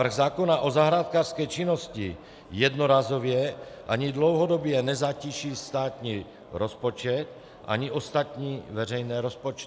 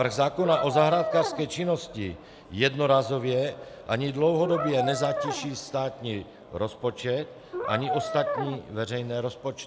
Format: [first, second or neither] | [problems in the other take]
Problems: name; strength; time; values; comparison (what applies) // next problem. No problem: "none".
first | background sound (Brass instrument); 4 dB below the speech